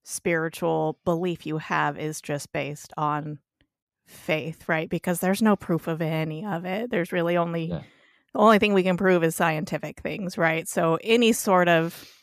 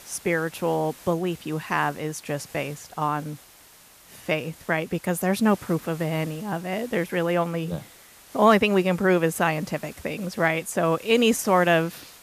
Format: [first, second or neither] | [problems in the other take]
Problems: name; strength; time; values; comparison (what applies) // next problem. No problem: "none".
first | hiss; faint; throughout; 20 dB below the speech